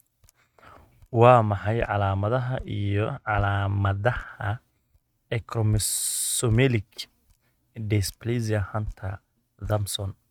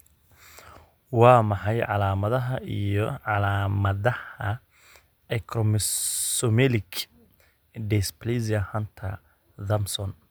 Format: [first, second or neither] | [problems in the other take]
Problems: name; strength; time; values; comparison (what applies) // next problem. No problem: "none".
second | noise reduction (neural mask model RNNoise)